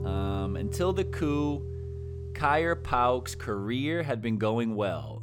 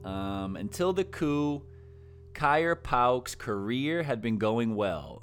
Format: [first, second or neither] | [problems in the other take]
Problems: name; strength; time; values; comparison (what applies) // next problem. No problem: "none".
second | background music; loud; throughout; 8 dB below the speech; faint in the second